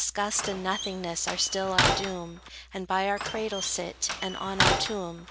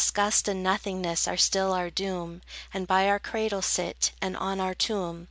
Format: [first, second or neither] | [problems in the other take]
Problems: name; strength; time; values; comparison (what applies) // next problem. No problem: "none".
second | background sound (Slam); as loud as the speech